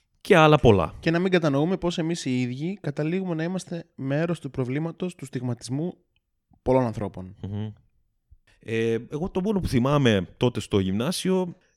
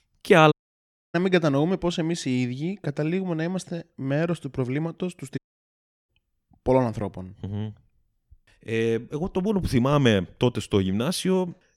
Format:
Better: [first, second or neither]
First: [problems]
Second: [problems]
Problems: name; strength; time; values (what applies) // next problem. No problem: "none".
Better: first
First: none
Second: audio cutting out; at 0.5 s for 0.5 s and at 5.5 s for 0.5 s